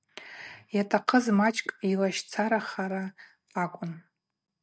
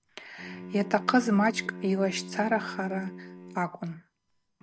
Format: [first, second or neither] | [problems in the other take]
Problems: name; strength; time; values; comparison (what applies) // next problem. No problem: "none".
first | background sound (Bowed string instrument); 13 dB below the speech